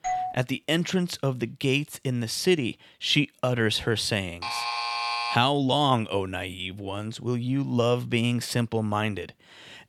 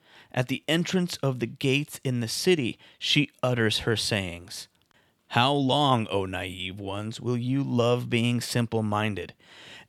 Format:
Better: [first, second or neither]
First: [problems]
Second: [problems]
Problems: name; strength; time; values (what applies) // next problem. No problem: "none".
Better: second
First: doorbell; noticeable; at the start; peak 3 dB below the speech // alarm; noticeable; at 4.5 s; peak 1 dB below the speech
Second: none